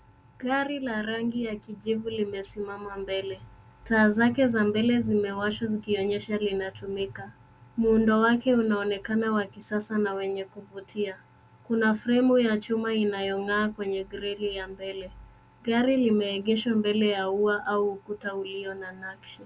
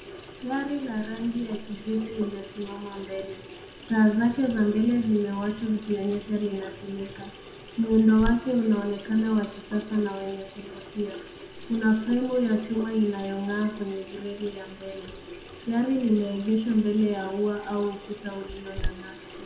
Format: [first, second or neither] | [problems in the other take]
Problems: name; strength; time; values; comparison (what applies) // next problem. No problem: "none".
first | background sound (Sink (filling or washing) / Water tap, faucet); 13 dB below the speech // room echo; dies away in 0.5 s